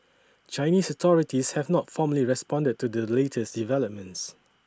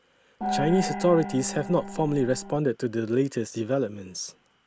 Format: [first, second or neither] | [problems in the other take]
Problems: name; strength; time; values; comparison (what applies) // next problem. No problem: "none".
first | background sound (Gong); 6 dB below the speech